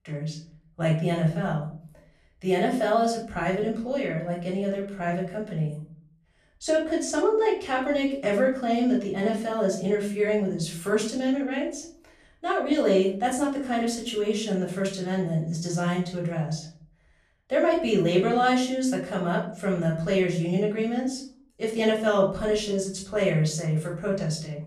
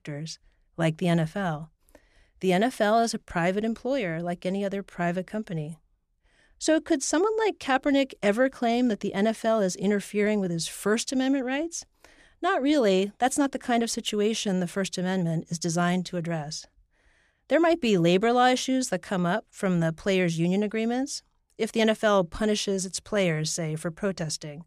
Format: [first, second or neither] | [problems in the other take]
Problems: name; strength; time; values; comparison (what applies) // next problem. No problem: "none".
second | off-mic speech; far // room echo; slight; dies away in 0.5 s